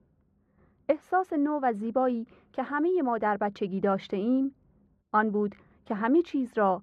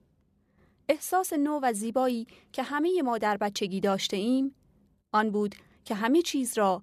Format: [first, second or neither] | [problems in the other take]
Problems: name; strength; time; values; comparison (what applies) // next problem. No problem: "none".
second | muffled; very; fading above 4 kHz